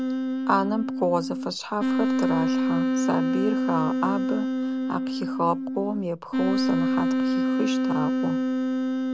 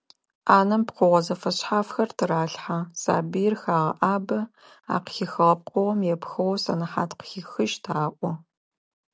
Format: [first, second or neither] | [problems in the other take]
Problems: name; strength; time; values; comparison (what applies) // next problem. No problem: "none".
second | background sound (Wind instrument, woodwind instrument); 4 dB above the speech